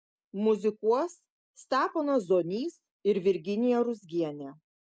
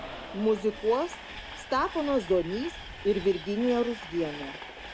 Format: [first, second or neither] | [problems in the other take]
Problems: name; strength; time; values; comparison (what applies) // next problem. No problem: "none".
first | background sound (Train); 12 dB below the speech